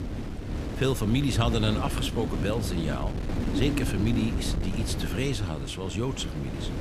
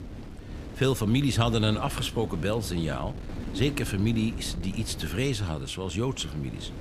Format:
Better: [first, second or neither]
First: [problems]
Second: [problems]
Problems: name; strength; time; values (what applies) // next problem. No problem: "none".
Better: second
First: wind noise on the microphone; heavy; 6 dB below the speech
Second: wind noise on the microphone; occasional gusts; 15 dB below the speech